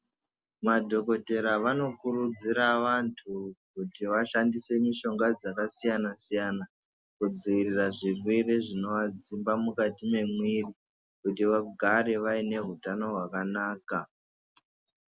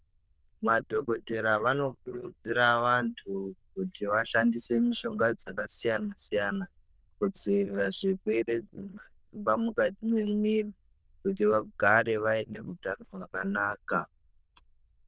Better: first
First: none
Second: noise reduction (neural diffusion model UNIVERSE++)

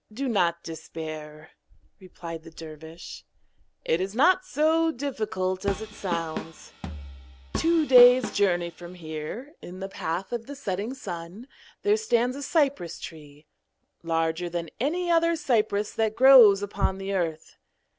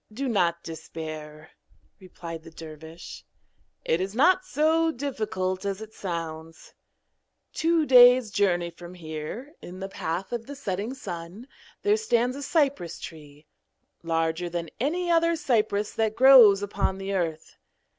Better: second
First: background sound (Drum kit); 10 dB below the speech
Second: none

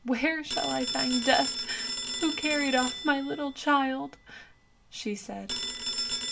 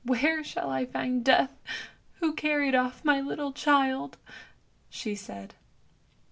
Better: second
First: background sound (Telephone); 5 dB below the speech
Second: none

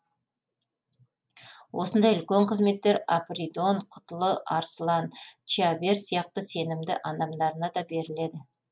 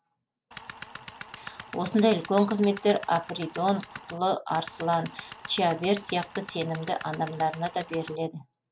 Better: first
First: none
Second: background sound (Tools); 15 dB below the speech

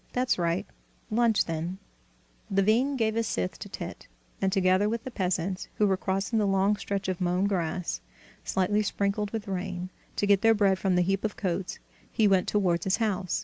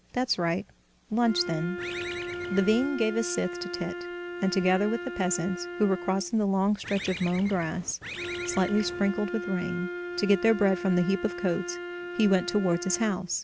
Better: first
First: none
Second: background sound (Bird + Wind instrument, woodwind instrument); 9 dB below the speech

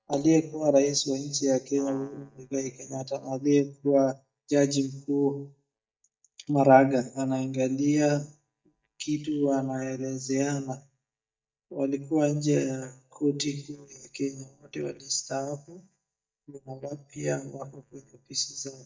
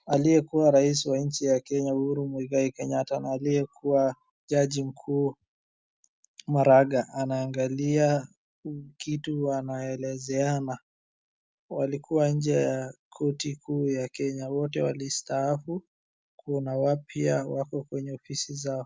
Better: second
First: noise reduction (neural mask model DeepFilterNet 3)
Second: none

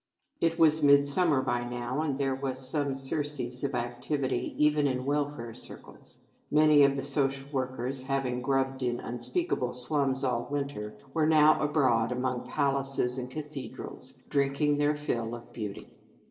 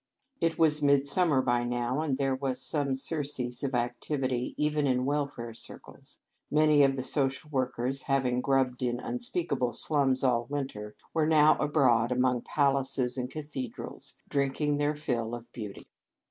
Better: second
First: room echo; dies away in 2.9 s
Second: none

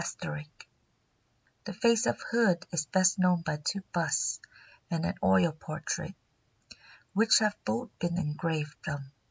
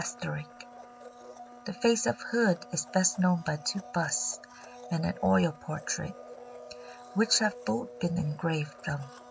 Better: first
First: none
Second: background sound (Domestic sounds, home sounds); 17 dB below the speech

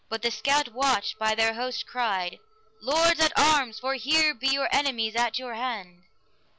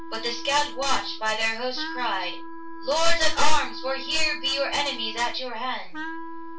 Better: first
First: none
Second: background sound (Wind instrument, woodwind instrument); 16 dB below the speech // room echo; dies away in 0.2 s

